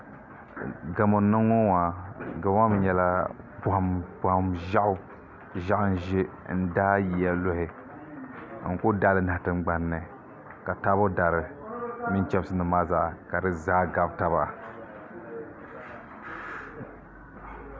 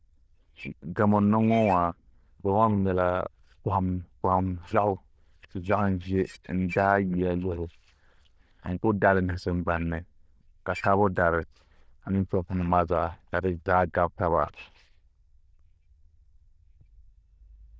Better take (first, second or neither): first